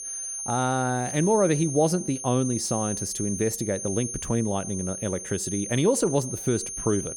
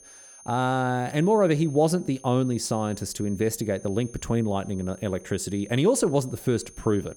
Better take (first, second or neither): second